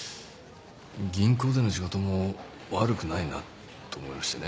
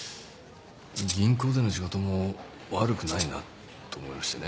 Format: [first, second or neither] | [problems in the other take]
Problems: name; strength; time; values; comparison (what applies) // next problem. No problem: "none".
first | background sound (Rattle (instrument)); 6 dB below the speech